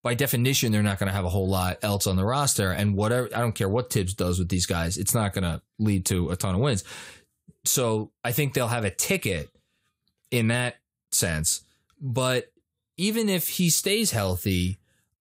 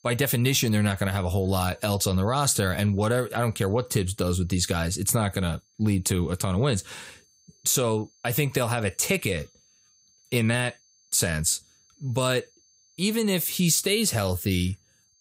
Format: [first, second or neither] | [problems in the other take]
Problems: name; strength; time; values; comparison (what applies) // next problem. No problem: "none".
first | high-pitched whine; faint; throughout; 6 kHz, 35 dB below the speech